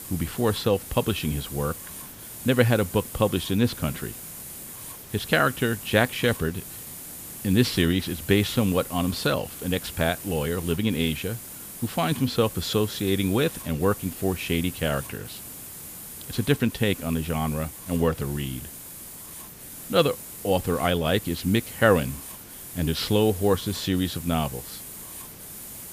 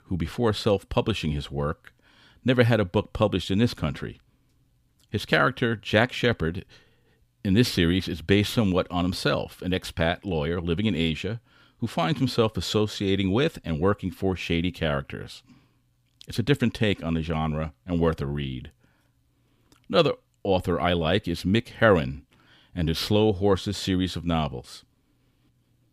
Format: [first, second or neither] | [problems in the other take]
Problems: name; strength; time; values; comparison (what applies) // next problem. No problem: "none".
second | hiss; noticeable; throughout; 10 dB below the speech